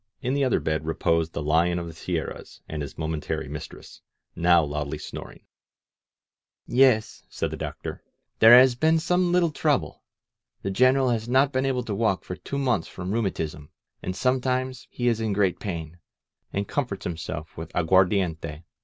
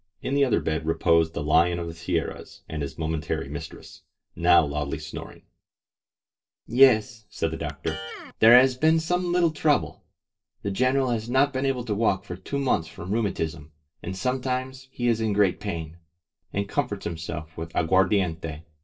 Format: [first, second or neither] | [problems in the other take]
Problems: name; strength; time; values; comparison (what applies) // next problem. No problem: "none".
first | noise reduction (neural separator model SepFormer DNS4)